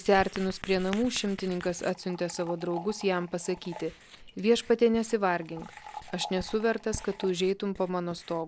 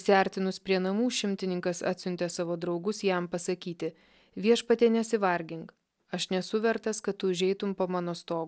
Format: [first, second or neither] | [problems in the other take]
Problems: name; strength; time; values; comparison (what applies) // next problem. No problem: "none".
second | background sound (Liquid + Writing); 16 dB below the speech